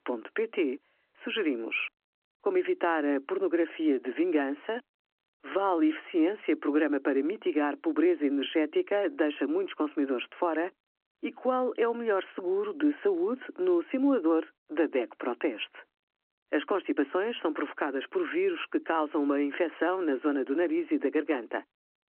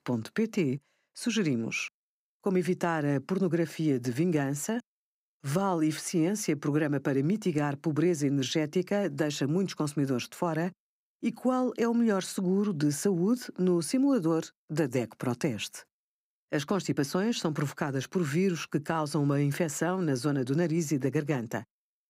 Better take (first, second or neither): second